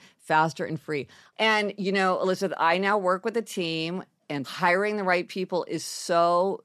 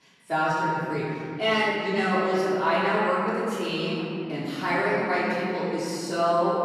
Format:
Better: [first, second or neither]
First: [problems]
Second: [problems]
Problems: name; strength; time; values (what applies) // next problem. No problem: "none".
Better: first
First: none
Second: room echo; strong; dies away in 2.9 s // off-mic speech; far